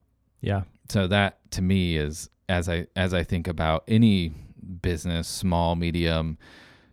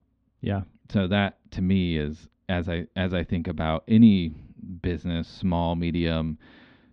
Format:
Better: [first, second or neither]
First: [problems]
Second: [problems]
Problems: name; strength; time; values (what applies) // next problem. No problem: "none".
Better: first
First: none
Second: muffled; slightly; fading above 3.5 kHz